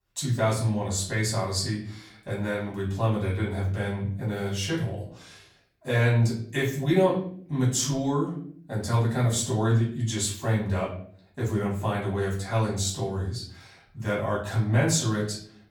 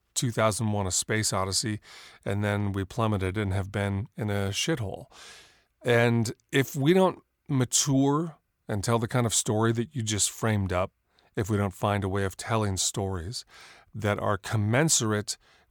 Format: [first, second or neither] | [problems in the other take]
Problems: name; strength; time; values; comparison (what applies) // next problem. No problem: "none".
second | room echo; slight; dies away in 0.5 s // off-mic speech; far